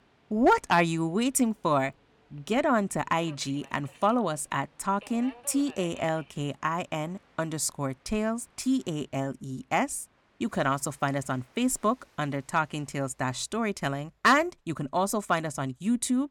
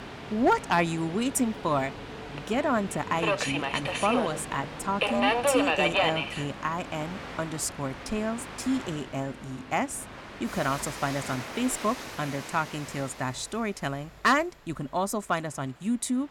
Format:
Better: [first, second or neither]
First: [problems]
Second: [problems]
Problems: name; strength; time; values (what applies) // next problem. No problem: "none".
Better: first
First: train or aircraft noise; faint; throughout; 25 dB below the speech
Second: train or aircraft noise; loud; throughout; 3 dB below the speech